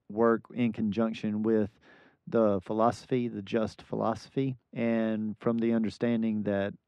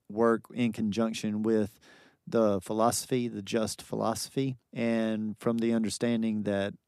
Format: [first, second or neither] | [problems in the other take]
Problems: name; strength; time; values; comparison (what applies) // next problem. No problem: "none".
second | muffled; slightly; fading above 2.5 kHz